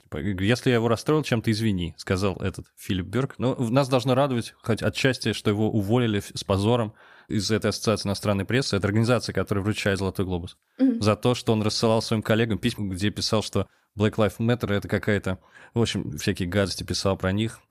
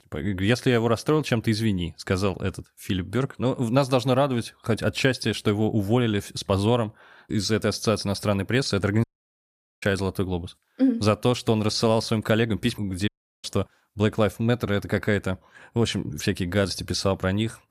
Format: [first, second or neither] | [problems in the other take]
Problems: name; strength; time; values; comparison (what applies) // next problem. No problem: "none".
first | audio cutting out; at 9 s for 1 s and at 13 s